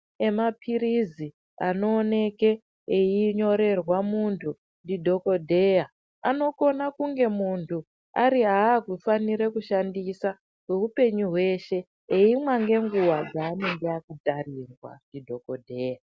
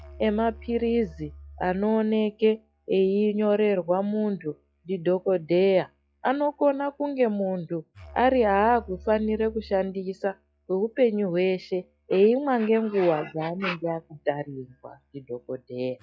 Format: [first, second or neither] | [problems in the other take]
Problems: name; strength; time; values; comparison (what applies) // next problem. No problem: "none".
first | noise reduction (classical method log-MMSE)